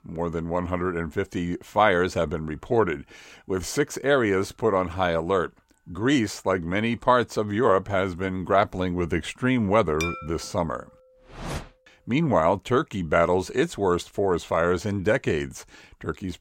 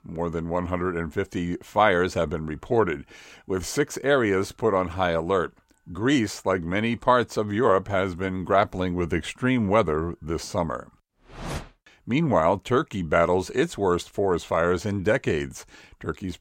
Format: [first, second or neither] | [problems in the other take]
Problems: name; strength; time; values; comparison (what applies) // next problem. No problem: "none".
second | clattering dishes; noticeable; at 10 s; peak 7 dB below the speech